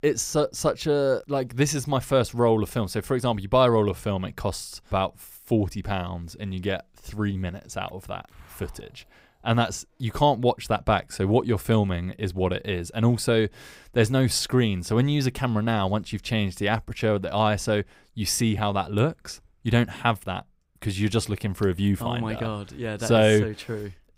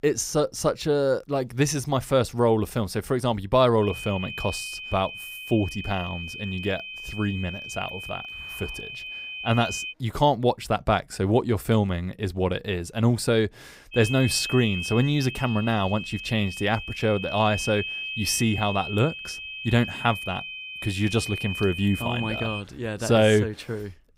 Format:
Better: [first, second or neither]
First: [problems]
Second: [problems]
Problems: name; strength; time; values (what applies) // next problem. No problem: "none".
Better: first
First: none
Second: high-pitched whine; loud; from 4 to 10 s and from 14 to 23 s; 2.5 kHz, 8 dB below the speech